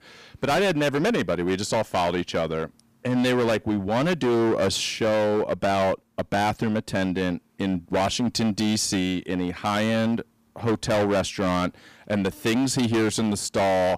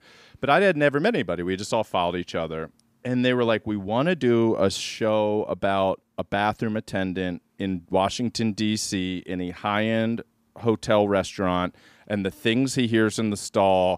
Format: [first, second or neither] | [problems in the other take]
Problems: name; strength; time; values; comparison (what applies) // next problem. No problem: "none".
second | distortion; heavy; 19% of the sound clipped